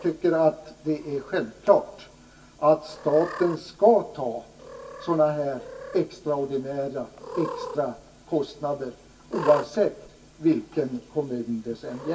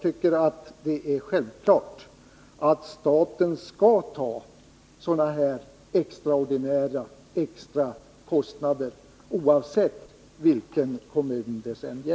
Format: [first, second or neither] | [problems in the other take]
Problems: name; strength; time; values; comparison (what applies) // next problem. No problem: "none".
second | background sound (Cat); 15 dB below the speech // room echo; dies away in 0.2 s